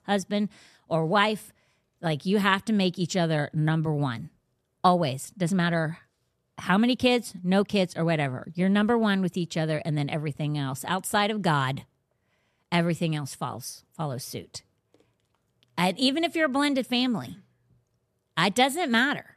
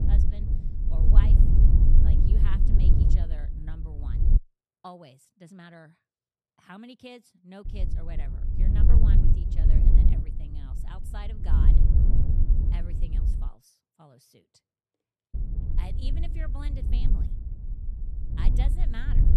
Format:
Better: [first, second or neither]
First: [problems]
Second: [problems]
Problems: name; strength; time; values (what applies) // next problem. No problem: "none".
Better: first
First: none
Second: wind noise on the microphone; heavy; until 4.5 s, from 7.5 to 13 s and from 15 s on; 4 dB above the speech